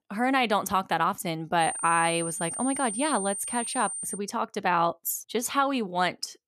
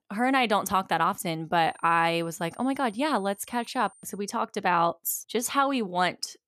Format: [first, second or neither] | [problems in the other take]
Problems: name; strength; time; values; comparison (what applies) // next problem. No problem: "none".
second | high-pitched whine; loud; from 1.5 to 4 s; 9 kHz, 5 dB below the speech; faint in the second